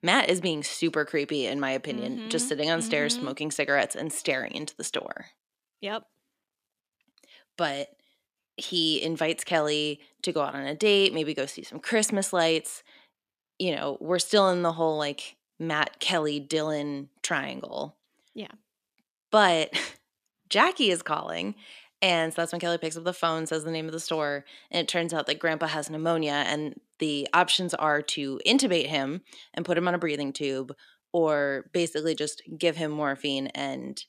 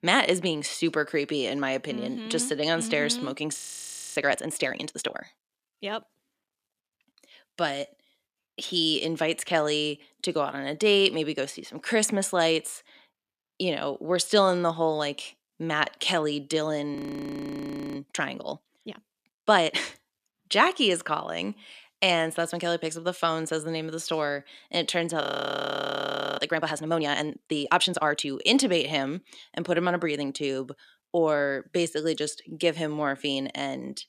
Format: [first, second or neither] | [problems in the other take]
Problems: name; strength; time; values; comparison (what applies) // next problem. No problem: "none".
first | audio freezing; at 3.5 s for 0.5 s, at 17 s for 1 s and at 25 s for 1 s